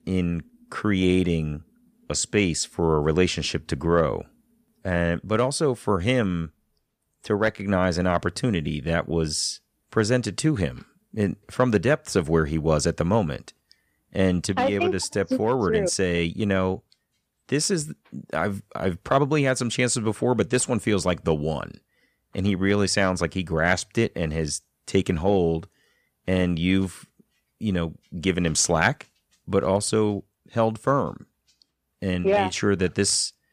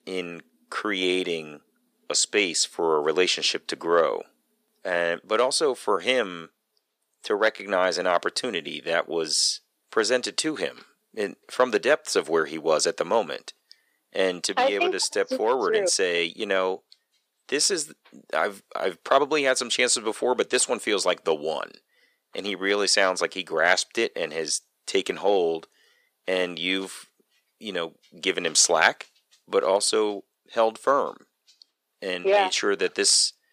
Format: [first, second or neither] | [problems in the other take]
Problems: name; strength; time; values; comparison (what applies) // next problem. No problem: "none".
first | thin; very; fading below 400 Hz